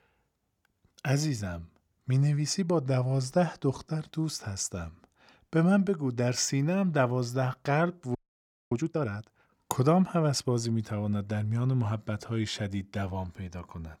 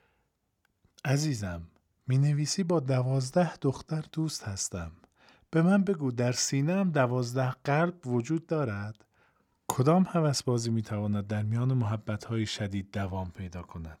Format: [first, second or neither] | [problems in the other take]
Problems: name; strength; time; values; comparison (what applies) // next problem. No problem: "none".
second | audio freezing; at 8 s for 0.5 s